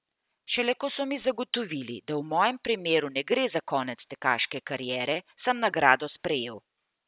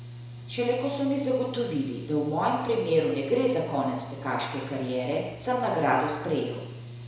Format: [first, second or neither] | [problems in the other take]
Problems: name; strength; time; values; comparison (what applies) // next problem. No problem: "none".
first | background sound (Mechanical fan / Engine); 13 dB below the speech // room echo; dies away in 1 s